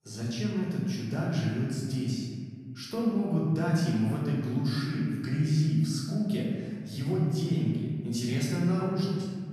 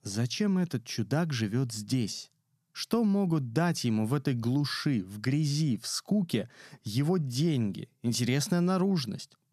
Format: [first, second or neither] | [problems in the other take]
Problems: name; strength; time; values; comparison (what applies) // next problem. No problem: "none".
second | room echo; noticeable; dies away in 1.9 s // off-mic speech; far